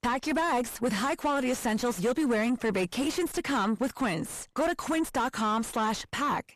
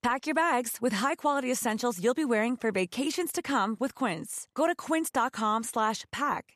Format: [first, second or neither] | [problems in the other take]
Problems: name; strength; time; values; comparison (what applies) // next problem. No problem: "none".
second | distortion; heavy; 7 dB below the speech